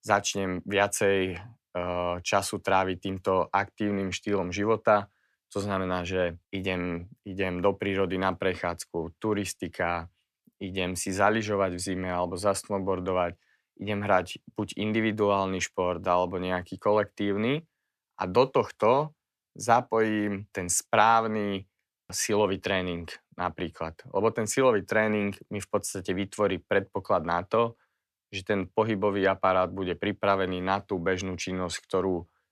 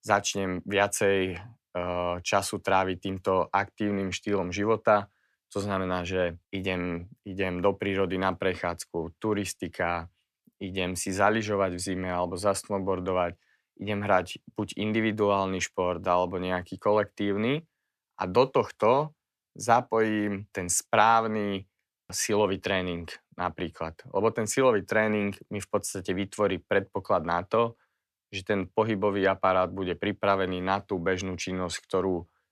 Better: neither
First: none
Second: none

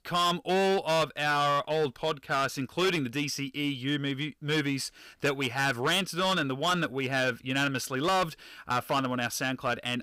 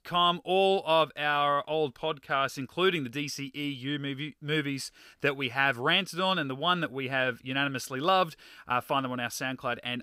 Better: second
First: distortion; heavy; 10% of the sound clipped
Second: none

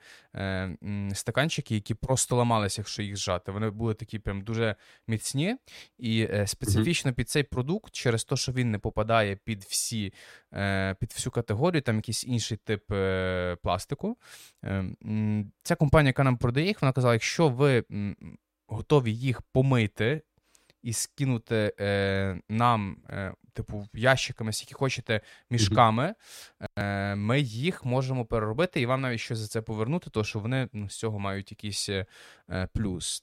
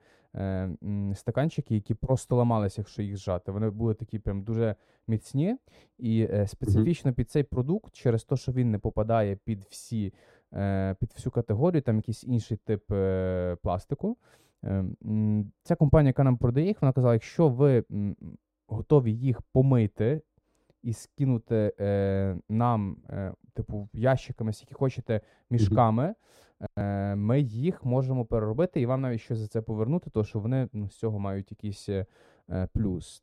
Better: first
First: none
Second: muffled; slightly; fading above 1 kHz

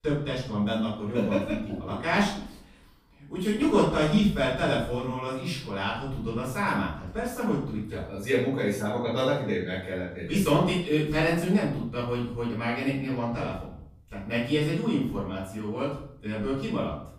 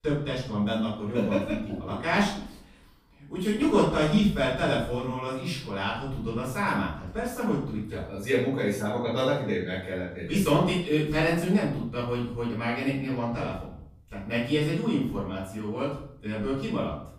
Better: neither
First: off-mic speech; far // room echo; noticeable; dies away in 0.6 s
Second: off-mic speech; far // room echo; noticeable; dies away in 0.6 s

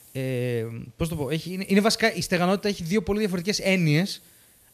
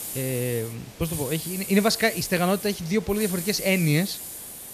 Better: first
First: hiss; faint; throughout; 25 dB below the speech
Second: hiss; loud; throughout; 9 dB below the speech

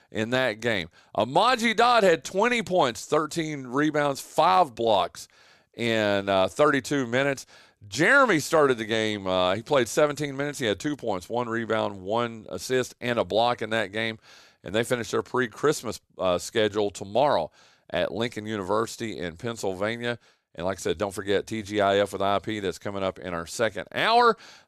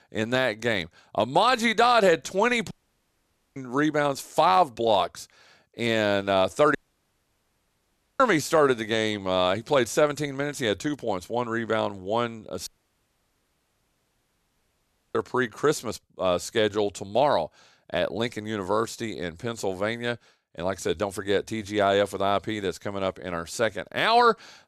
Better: first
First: none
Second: audio cutting out; at 2.5 s for 1 s, at 7 s for 1.5 s and at 13 s for 2.5 s

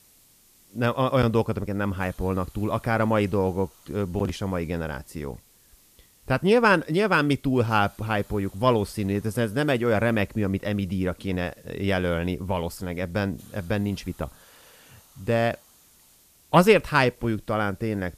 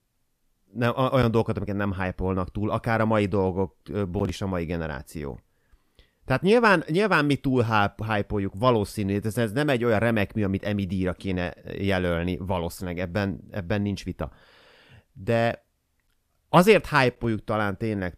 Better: second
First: hiss; faint; throughout; 30 dB below the speech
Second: none

